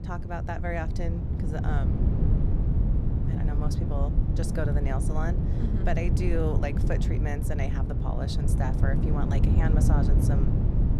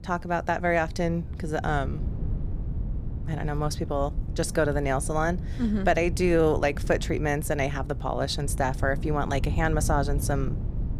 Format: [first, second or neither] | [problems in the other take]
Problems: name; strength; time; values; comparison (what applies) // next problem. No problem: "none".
second | wind noise on the microphone; heavy; 2 dB below the speech; occasional gusts in the second